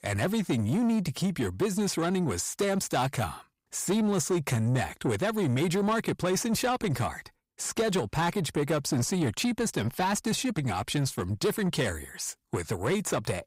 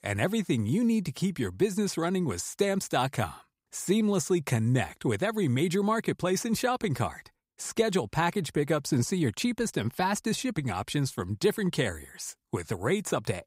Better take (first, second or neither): second